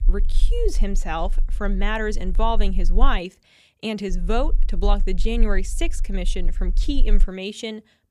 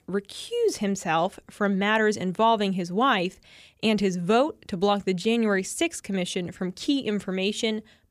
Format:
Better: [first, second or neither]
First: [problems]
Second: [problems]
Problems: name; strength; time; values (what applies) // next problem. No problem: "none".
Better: second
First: low rumble; faint; until 3 s and from 4 to 7 s; 25 dB below the speech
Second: none